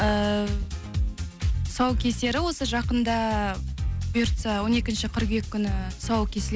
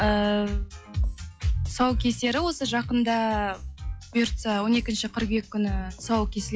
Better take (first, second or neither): first